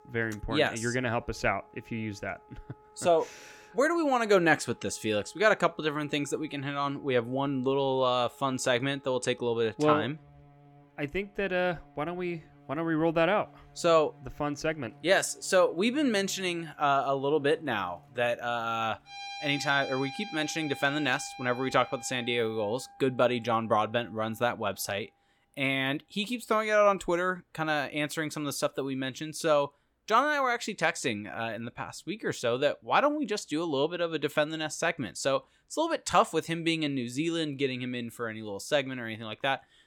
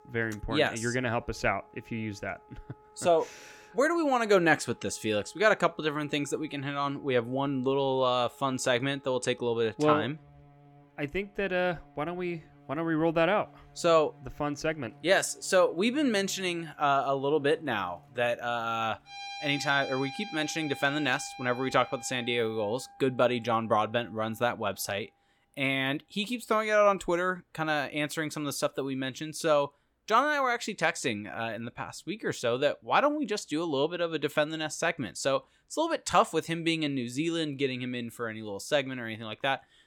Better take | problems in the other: neither | background music; noticeable; throughout; 20 dB below the speech; the same in both

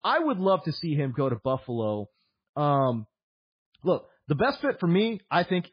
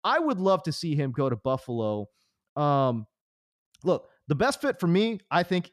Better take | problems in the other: second | garbled, watery; badly; nothing above 5 kHz

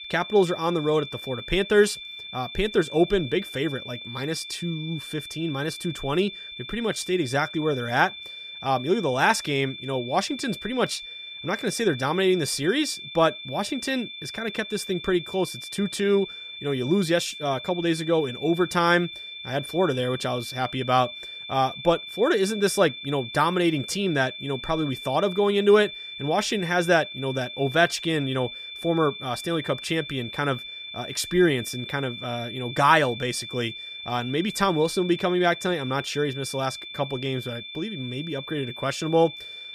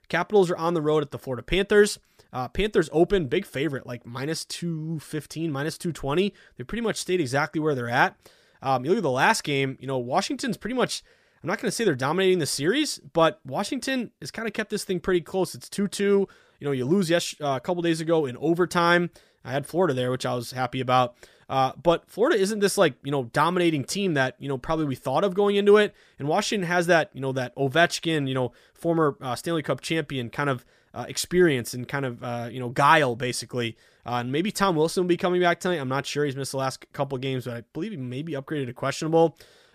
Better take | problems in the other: second | high-pitched whine; noticeable; throughout; 3.5 kHz, 10 dB below the speech

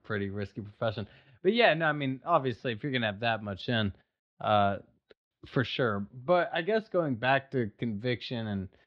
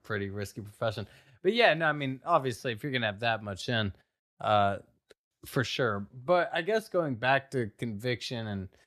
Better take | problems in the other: second | muffled; very slightly; fading above 3.5 kHz

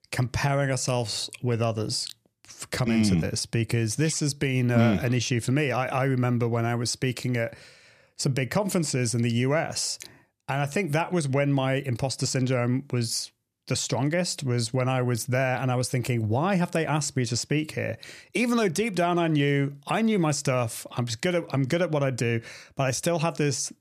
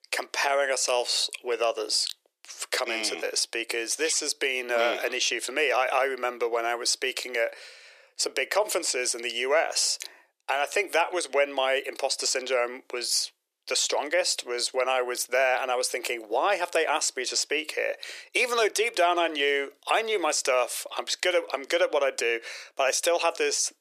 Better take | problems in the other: first | thin; very; fading below 400 Hz

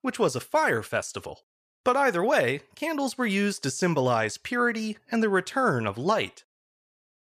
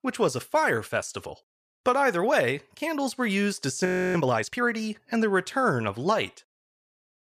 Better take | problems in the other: first | audio freezing; at 4 s

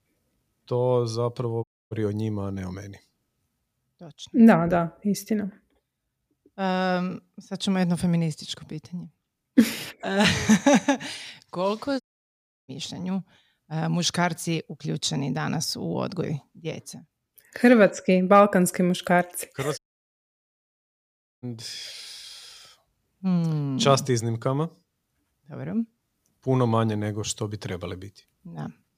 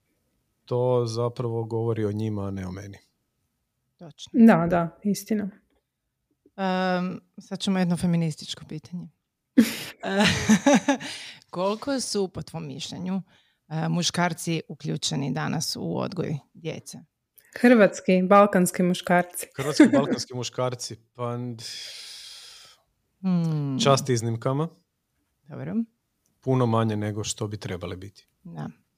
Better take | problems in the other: second | audio cutting out; at 1.5 s, at 12 s for 0.5 s and at 20 s for 1.5 s

